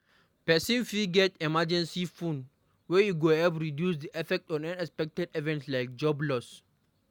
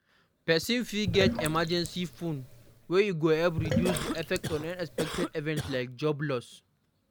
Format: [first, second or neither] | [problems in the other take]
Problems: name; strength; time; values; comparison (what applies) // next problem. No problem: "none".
first | background sound (Sink (filling or washing) + Cough); 5 dB below the speech